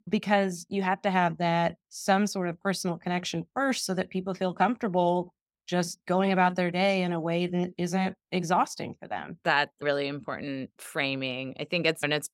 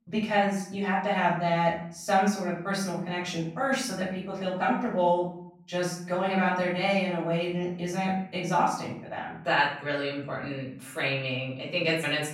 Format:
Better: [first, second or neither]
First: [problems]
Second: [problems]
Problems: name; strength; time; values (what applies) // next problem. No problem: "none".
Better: first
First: none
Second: room echo; noticeable; dies away in 0.5 s // off-mic speech; far